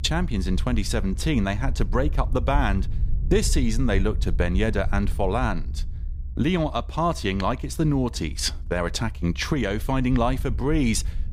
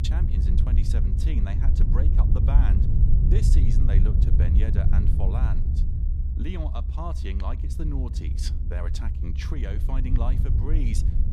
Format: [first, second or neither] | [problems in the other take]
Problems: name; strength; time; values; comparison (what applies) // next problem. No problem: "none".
first | low rumble; loud; throughout; 1 dB below the speech; faint in the first